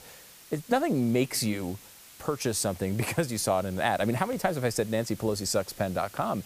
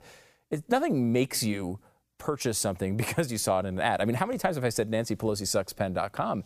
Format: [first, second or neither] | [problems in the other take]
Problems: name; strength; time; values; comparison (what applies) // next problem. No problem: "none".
second | hiss; noticeable; throughout; 20 dB below the speech